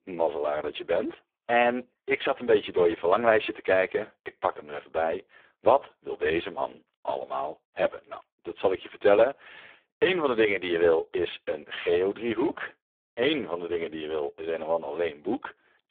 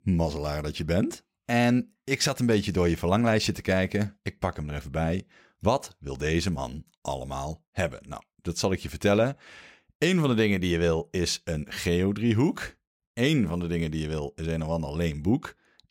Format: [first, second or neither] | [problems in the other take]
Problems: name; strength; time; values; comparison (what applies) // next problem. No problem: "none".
second | phone-call audio; poor line